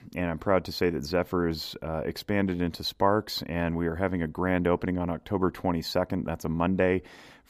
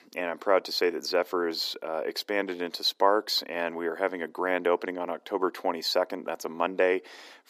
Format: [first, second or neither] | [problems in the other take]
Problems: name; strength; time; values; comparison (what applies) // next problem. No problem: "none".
first | thin; somewhat; fading below 350 Hz